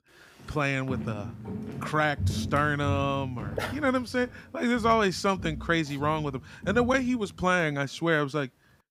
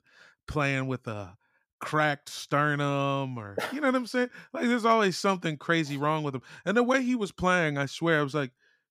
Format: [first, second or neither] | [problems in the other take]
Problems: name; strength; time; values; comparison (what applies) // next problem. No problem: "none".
second | footsteps; noticeable; from 1 to 7 s; peak 3 dB below the speech